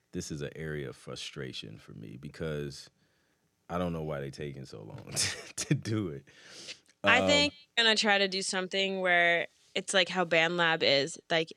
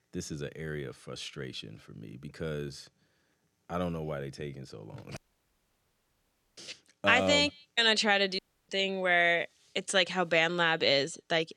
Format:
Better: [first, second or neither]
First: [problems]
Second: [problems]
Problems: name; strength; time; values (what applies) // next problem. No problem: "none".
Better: first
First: none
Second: audio cutting out; at 5 s for 1.5 s and at 8.5 s